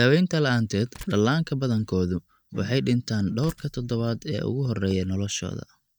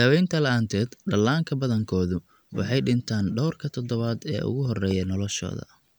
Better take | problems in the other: second | noise reduction (neural mask model DeepFilterNet 3)

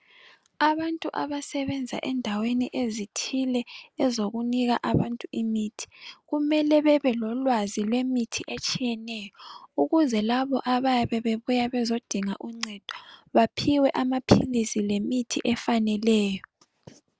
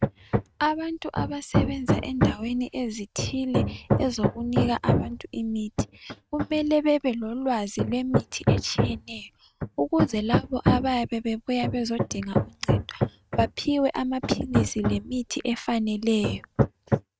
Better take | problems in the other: first | noise reduction (neural mask model RNNoise)

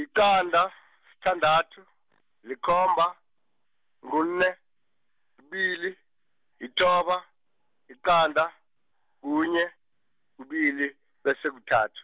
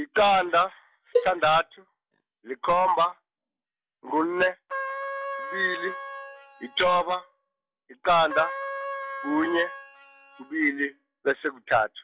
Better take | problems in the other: first | noise reduction (classical method log-MMSE)

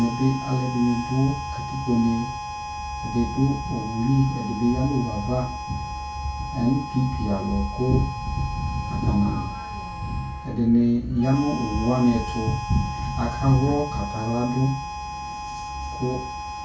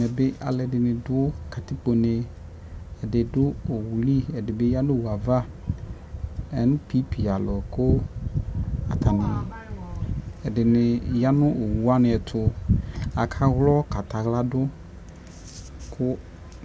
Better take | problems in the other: second | background sound (Harmonica); 9 dB below the speech // room echo; dies away in 0.3 s

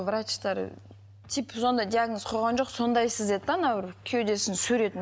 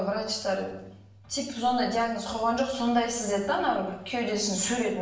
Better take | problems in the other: first | room echo; dies away in 0.6 s

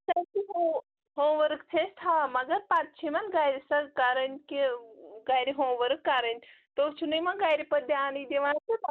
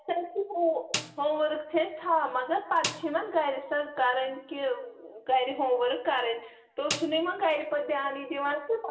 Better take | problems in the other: first | background sound (Snare drum); 11 dB below the speech // room echo; dies away in 0.7 s

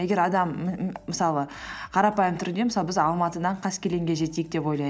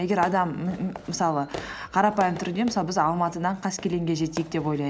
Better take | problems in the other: first | background sound (Fireworks); 17 dB below the speech

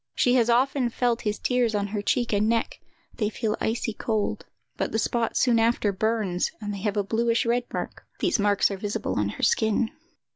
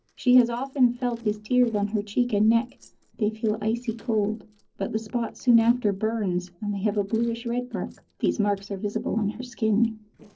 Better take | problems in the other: first | noise reduction (neural separator model SepFormer DNS4)

